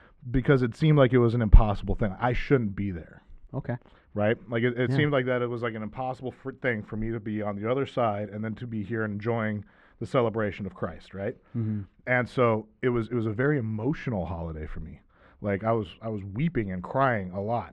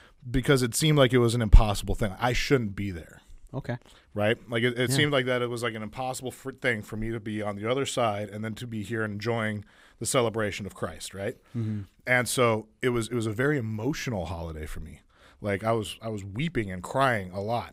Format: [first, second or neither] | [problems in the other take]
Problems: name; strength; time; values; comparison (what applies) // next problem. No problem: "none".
second | muffled; very; fading above 2 kHz